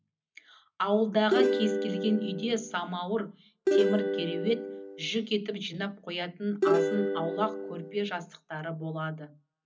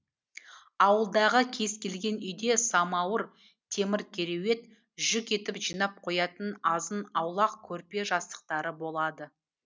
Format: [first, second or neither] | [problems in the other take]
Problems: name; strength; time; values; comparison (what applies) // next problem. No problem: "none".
second | background sound (Plucked string instrument); 2 dB above the speech // room echo; dies away in 0.4 s